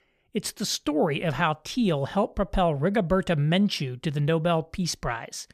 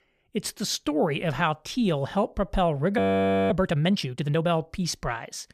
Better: first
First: none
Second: audio freezing; at 3 s for 0.5 s

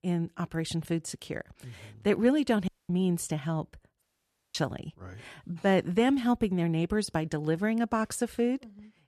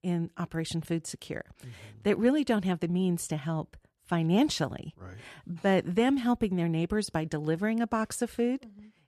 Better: second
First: audio cutting out; at 2.5 s and at 4 s for 0.5 s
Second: none

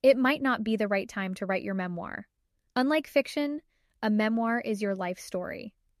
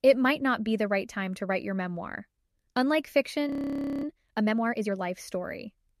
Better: first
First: none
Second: audio freezing; at 3.5 s for 0.5 s

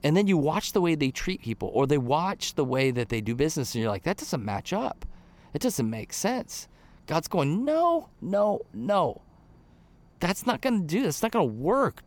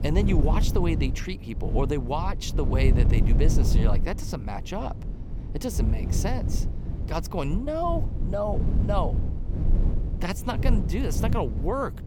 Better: first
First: none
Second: wind noise on the microphone; heavy; 9 dB below the speech

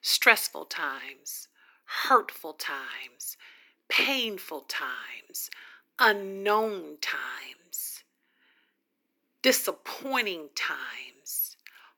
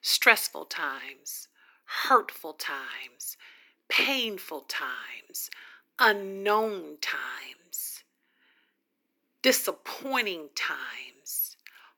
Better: neither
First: thin; somewhat; fading below 300 Hz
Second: thin; somewhat; fading below 300 Hz

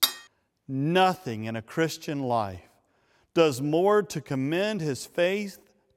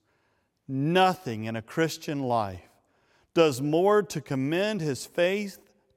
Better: second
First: clattering dishes; loud; at the start; peak 1 dB above the speech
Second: none

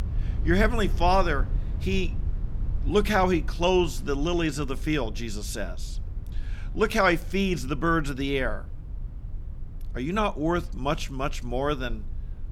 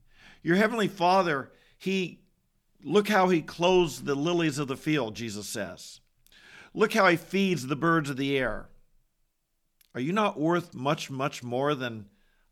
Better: second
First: low rumble; faint; throughout; 25 dB below the speech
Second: none

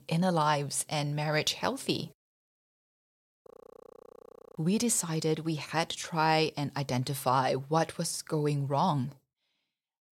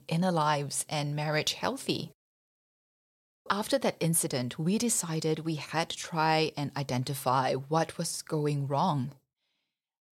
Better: second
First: audio freezing; at 3.5 s for 1 s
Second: none

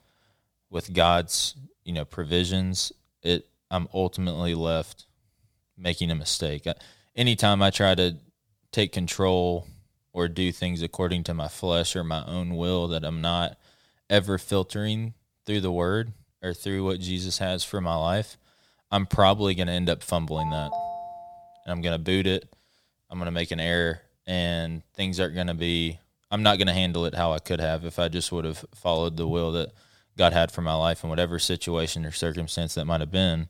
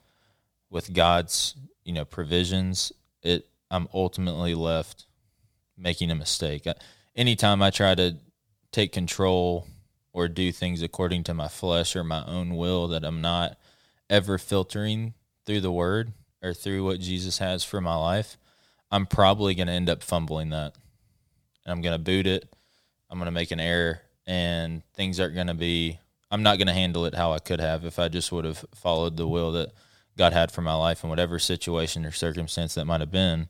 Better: second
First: phone ringing; noticeable; from 20 to 21 s; peak 6 dB below the speech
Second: none

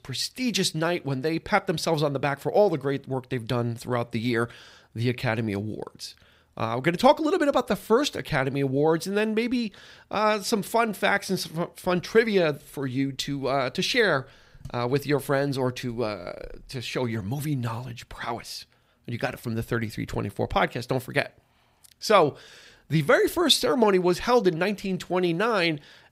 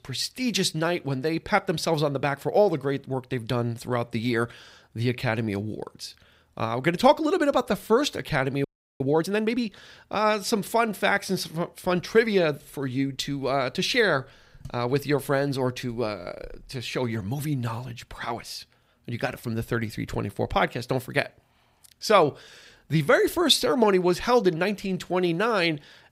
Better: first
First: none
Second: audio freezing; at 8.5 s

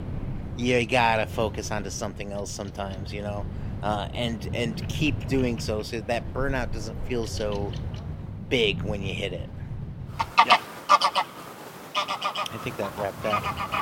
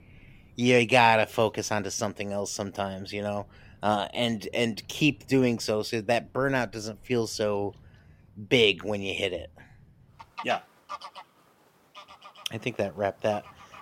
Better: second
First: animal sounds; loud; throughout; as loud as the speech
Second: animal sounds; faint; throughout; 25 dB below the speech

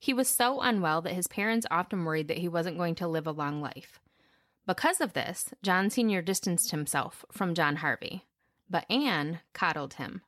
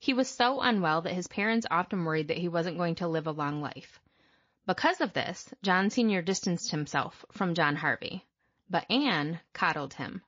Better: first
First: none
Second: garbled, watery; slightly; nothing above 7 kHz

